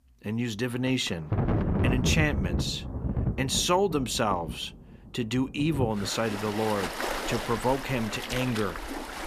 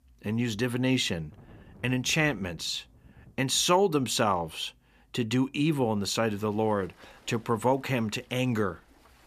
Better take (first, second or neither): second